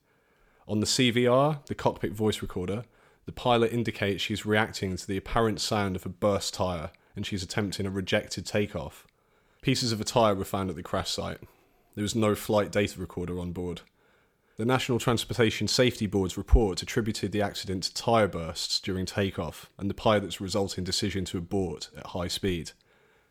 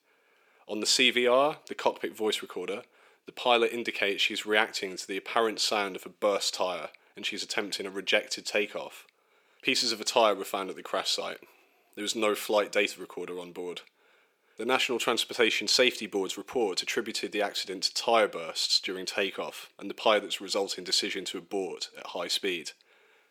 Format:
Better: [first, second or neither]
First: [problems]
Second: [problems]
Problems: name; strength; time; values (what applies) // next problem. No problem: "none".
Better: first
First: none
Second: thin; somewhat; fading below 300 Hz